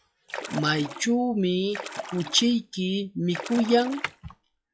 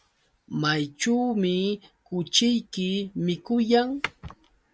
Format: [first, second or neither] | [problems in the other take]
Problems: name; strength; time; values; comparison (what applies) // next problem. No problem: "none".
second | noise reduction (classical method log-MMSE)